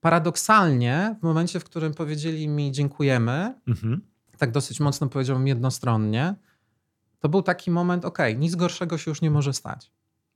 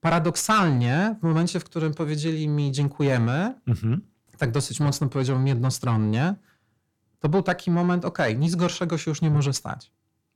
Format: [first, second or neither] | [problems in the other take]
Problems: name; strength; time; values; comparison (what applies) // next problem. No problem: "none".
first | distortion; slight; 10 dB below the speech